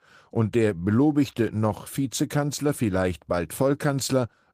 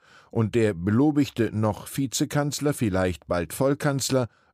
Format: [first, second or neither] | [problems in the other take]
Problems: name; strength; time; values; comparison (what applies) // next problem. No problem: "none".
second | garbled, watery; slightly; nothing above 15 kHz